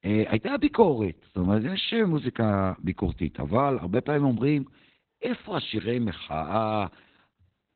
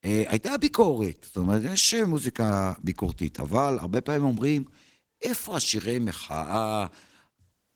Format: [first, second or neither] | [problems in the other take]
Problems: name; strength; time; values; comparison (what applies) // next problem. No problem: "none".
second | garbled, watery; badly; nothing above 4 kHz; slightly in the second